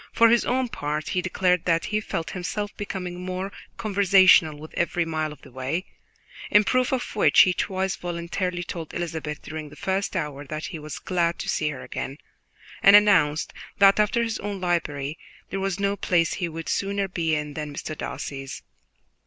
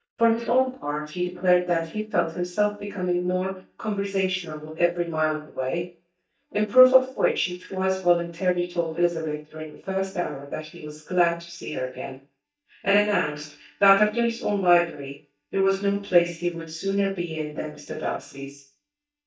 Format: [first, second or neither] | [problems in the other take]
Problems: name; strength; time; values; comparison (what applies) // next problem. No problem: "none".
first | noise reduction (neural mask model DeepFilterNet 3)